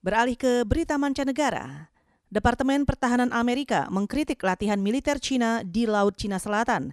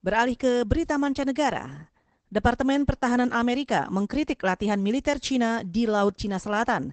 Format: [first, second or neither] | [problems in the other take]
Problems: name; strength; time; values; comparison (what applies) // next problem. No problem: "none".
first | garbled, watery; badly; nothing above 8 kHz